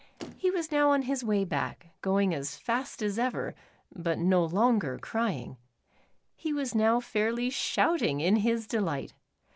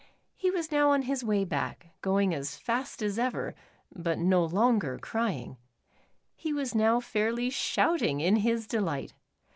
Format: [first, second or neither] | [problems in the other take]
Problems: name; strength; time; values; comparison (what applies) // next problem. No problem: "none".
second | background sound (Motor vehicle (road)); 19 dB below the speech